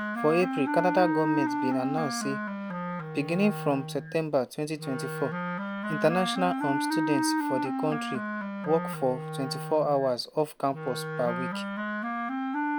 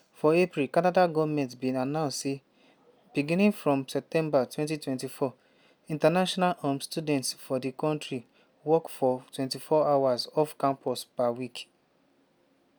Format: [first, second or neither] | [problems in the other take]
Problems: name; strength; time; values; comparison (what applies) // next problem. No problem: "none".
second | background sound (Wind instrument, woodwind instrument); 2 dB below the speech